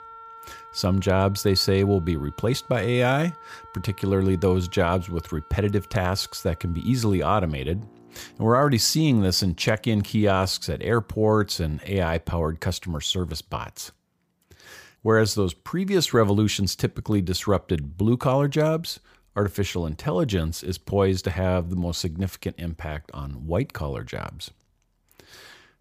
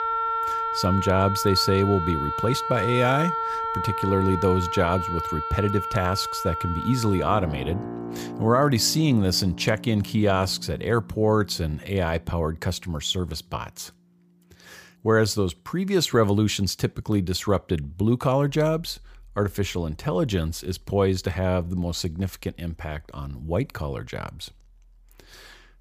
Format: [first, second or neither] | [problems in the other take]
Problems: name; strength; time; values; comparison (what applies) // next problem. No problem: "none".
first | background music; loud; throughout; 5 dB below the speech; faint in the first